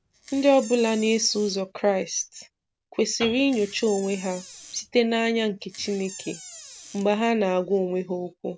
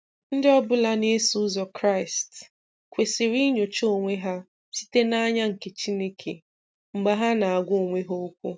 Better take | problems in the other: second | background sound (Door + Piano); 19 dB below the speech

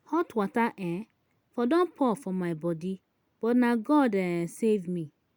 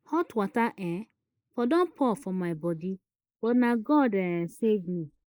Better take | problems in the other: first | noise reduction (neural mask model Resemble Enhance denoiser)

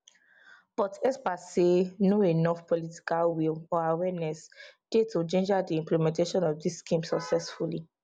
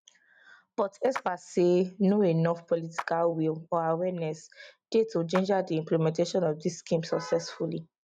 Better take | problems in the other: first | noise reduction (neural mask model RNNoise)

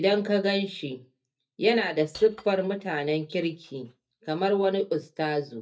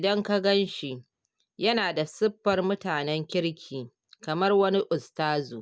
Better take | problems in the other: second | noise reduction (neural mask model DeepFilterNet 3)

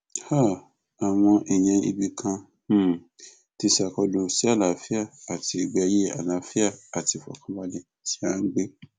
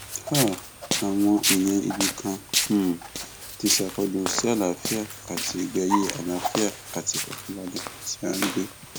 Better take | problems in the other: first | background sound (Walk, footsteps); 4 dB below the speech

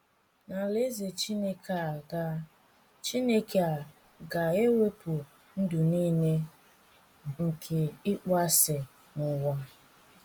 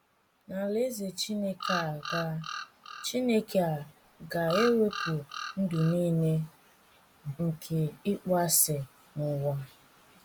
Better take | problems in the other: first | background sound (Bird vocalization, bird call, bird song); 7 dB below the speech

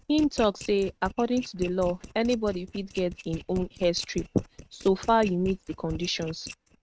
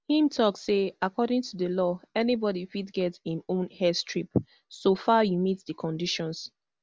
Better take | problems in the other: second | noise reduction (neural mask model RNNoise)

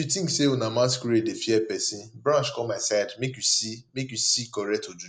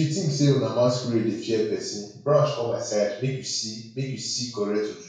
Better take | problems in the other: first | room echo; dies away in 0.6 s

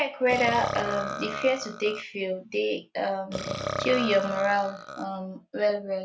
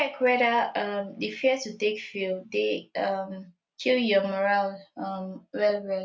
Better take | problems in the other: second | background sound (Burping, eructation); 8 dB below the speech

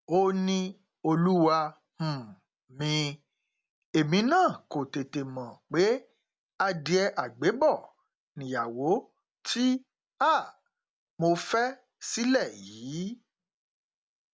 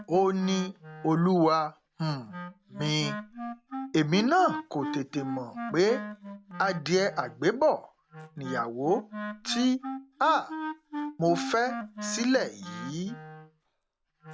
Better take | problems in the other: first | background sound (Wind instrument, woodwind instrument); 11 dB below the speech

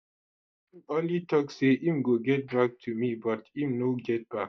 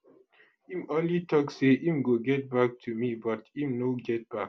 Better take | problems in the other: second | noise reduction (neural mask model DeepFilterNet 3)

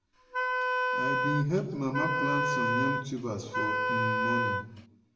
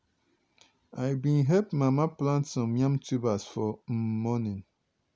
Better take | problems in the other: second | background sound (Wind instrument, woodwind instrument); 4 dB above the speech // room echo; dies away in 0.8 s

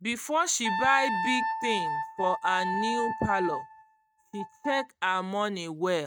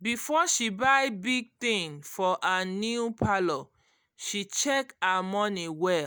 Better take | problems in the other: second | noise reduction (neural mask model RNNoise)

